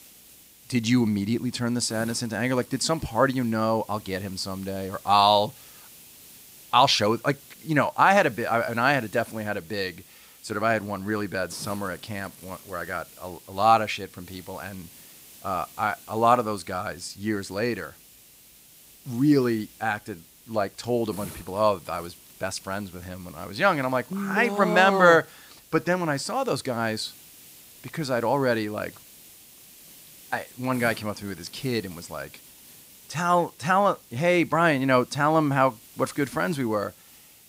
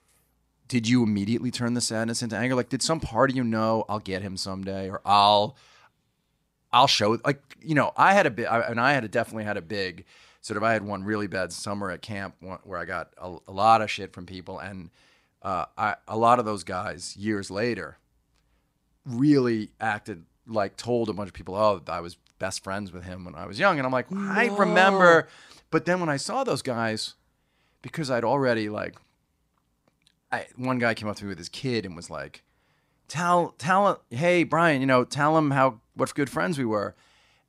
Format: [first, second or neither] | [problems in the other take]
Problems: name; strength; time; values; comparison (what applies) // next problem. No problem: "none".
second | hiss; faint; throughout; 20 dB below the speech